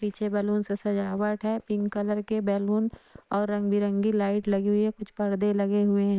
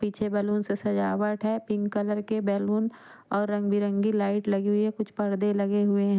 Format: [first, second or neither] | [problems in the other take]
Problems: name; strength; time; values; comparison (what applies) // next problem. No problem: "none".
second | noise reduction (neural separator model SepFormer WHAM!)